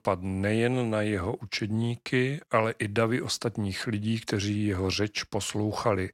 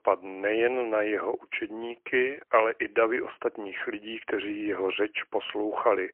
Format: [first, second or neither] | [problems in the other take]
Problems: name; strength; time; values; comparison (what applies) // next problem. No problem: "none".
first | phone-call audio; poor line; nothing above 3 kHz